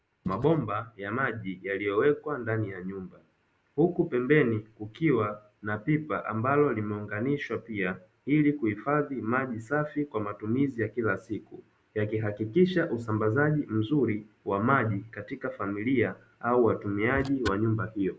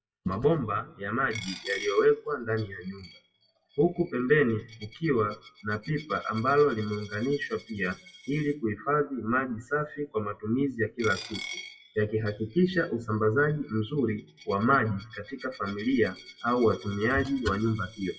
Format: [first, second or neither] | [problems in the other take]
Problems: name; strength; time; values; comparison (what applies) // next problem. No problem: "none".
first | noise reduction (classical method WPE with log-MMSE)